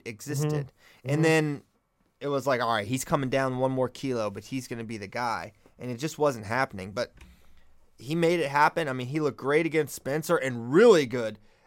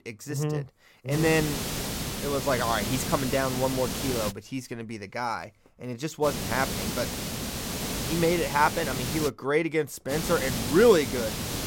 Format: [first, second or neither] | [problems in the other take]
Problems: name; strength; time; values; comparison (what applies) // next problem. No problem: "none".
first | hiss; loud; from 1 to 4.5 s, from 6 to 9.5 s and from 10 s on; 4 dB below the speech